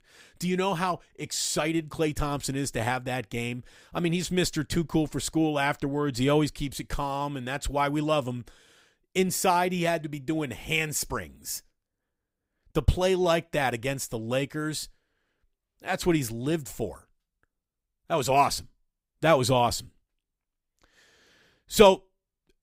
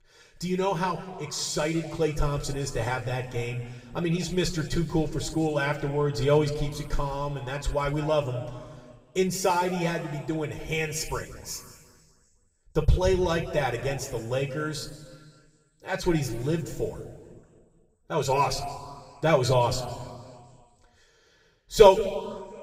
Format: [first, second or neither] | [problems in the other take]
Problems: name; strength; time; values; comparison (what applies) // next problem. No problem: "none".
first | room echo; slight; dies away in 1.7 s // off-mic speech; somewhat distant